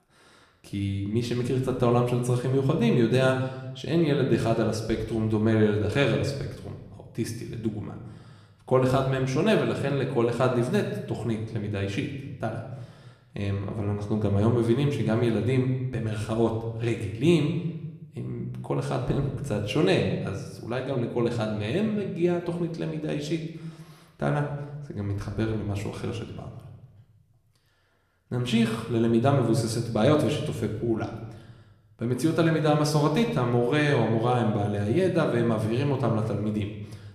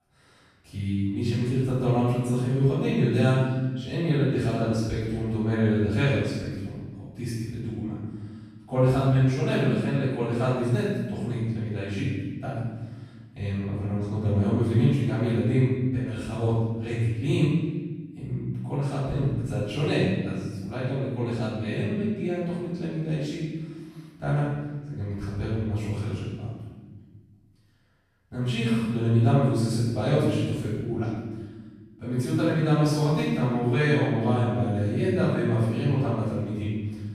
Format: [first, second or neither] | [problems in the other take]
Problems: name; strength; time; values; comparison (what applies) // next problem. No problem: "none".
first | room echo; strong; dies away in 1.4 s; slight in the first // off-mic speech; far